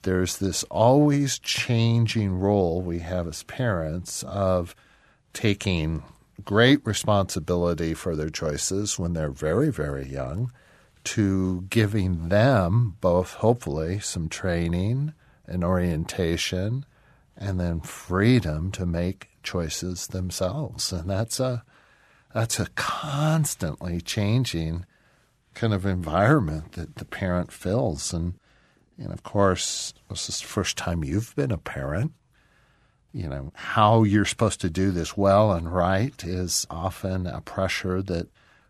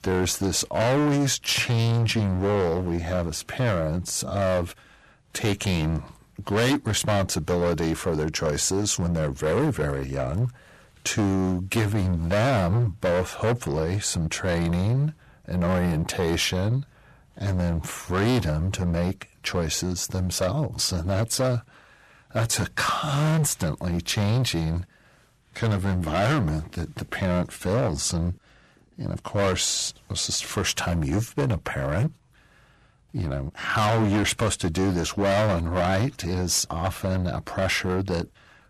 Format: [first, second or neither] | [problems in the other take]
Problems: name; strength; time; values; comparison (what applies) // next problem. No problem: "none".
first | distortion; heavy; 14% of the sound clipped